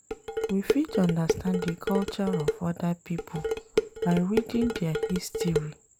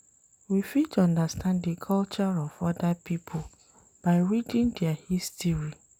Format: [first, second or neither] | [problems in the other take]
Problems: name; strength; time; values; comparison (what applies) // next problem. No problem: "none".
second | background sound (Dishes, pots, and pans); 2 dB below the speech